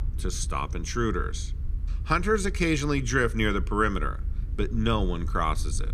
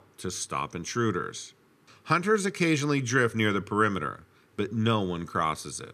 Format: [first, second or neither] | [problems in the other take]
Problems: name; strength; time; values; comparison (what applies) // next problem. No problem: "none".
second | low rumble; faint; throughout; 25 dB below the speech